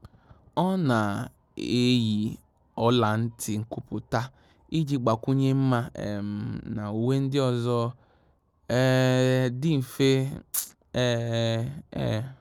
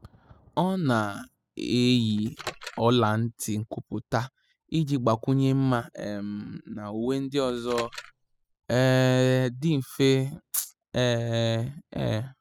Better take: first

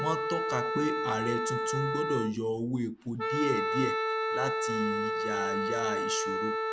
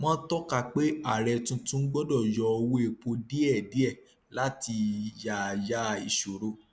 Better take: second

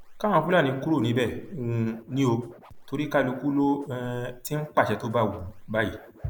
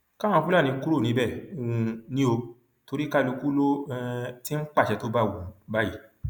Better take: second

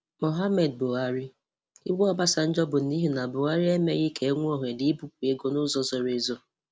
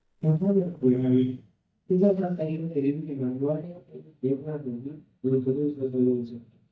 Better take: first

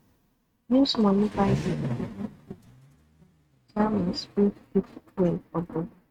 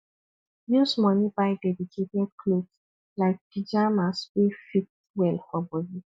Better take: second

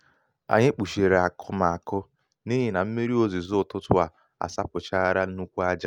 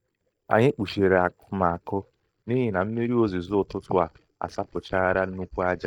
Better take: first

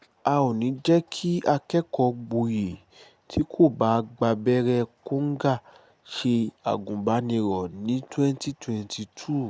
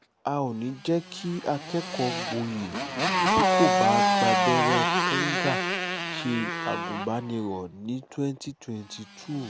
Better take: first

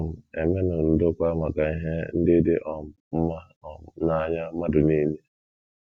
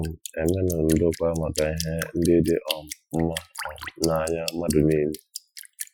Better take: first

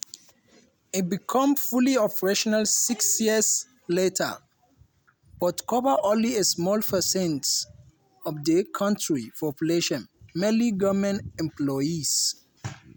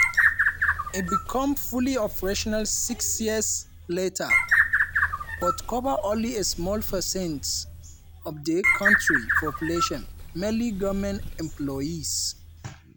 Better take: first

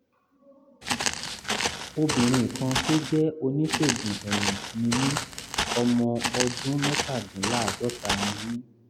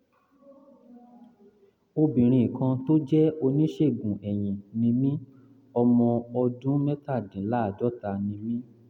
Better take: second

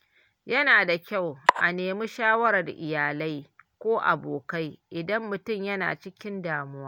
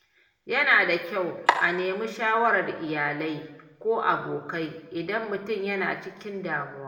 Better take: first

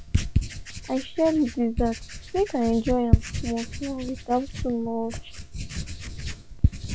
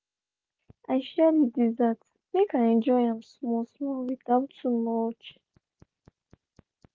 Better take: second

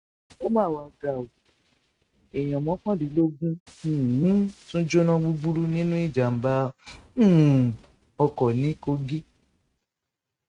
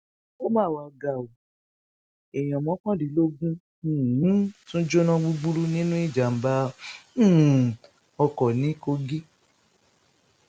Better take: second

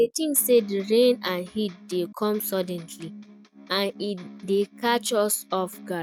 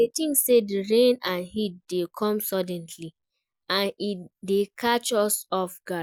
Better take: second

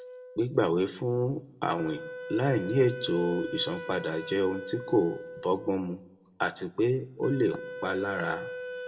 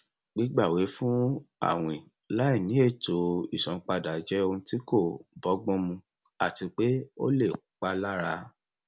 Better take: second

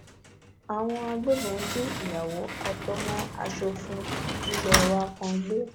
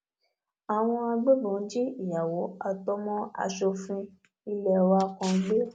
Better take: second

